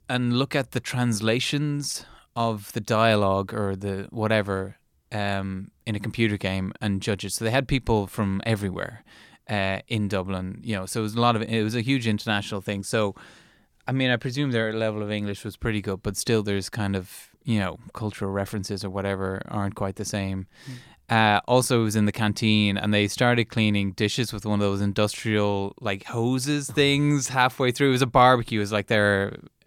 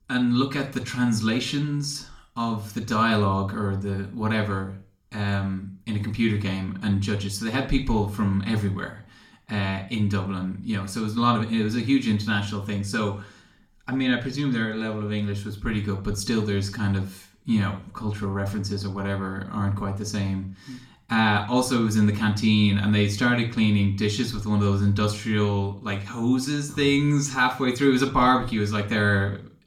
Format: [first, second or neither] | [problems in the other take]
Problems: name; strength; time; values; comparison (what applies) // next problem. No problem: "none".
first | room echo; very slight; dies away in 0.4 s // off-mic speech; far